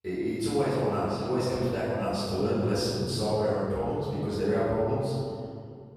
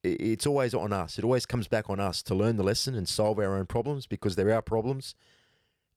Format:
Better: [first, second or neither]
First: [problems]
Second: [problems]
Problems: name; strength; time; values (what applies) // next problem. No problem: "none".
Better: second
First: off-mic speech; far // room echo; strong; dies away in 2.2 s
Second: none